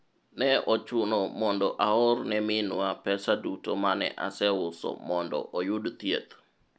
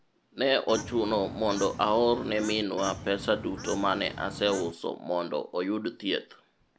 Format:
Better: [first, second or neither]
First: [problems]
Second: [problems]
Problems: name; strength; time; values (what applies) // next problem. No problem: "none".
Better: first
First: none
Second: background sound (Bird / Fowl); 12 dB below the speech